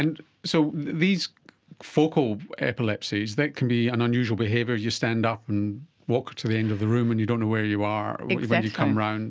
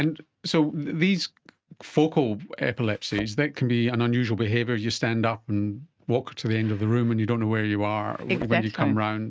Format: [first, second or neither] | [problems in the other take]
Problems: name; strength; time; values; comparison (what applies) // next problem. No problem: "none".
first | noise reduction (neural mask model RNNoise)